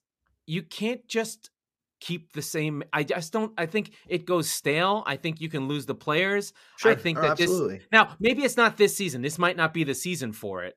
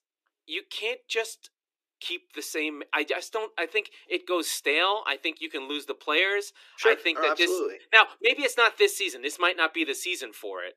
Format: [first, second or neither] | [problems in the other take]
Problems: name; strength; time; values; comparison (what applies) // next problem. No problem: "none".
first | thin; very; fading below 300 Hz